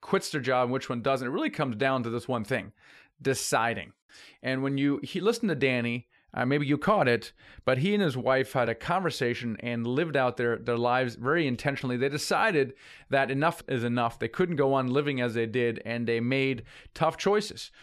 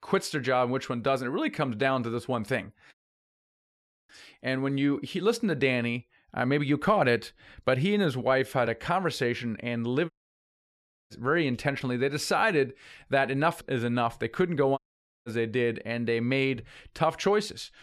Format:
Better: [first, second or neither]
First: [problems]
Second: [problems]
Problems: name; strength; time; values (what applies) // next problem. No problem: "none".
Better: first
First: none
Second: audio cutting out; at 3 s for 1 s, at 10 s for 1 s and at 15 s